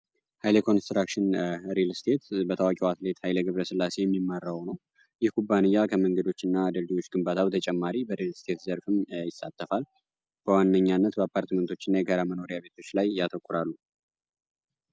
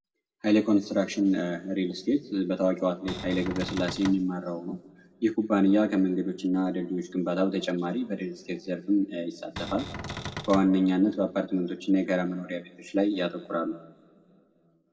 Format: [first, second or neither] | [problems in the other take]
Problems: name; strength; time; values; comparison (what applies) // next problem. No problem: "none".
first | background sound (Cupboard open or close); 10 dB below the speech // room echo; dies away in 1.3 s